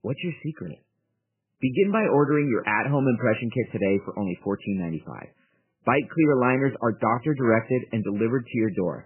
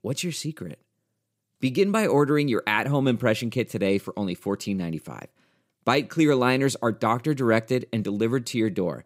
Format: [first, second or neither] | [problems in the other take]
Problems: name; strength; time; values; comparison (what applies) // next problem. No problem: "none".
second | garbled, watery; badly; nothing above 3 kHz